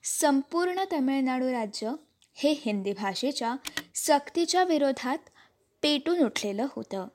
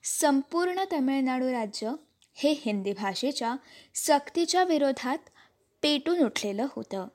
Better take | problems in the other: second | phone ringing; noticeable; at 3.5 s; peak 8 dB below the speech

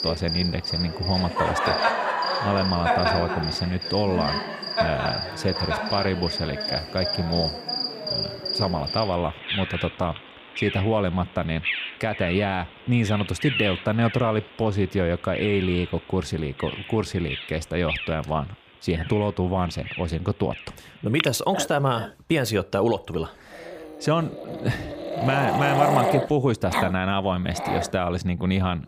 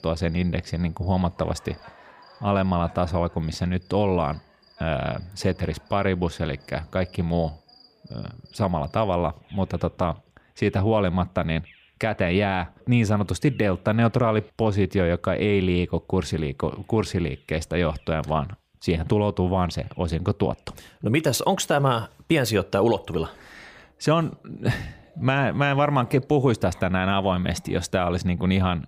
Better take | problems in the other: second | animal sounds; loud; throughout; 2 dB below the speech; faint in the second

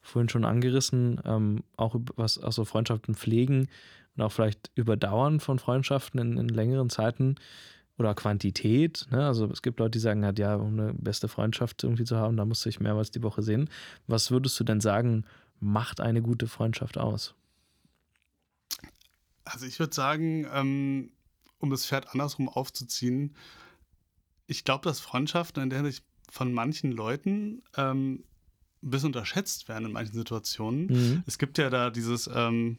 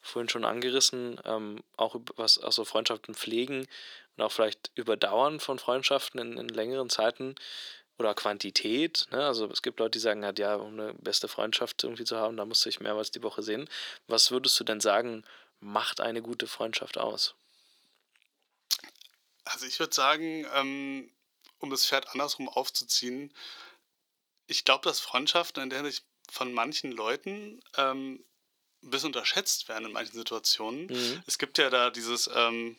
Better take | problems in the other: first | thin; very; fading below 400 Hz

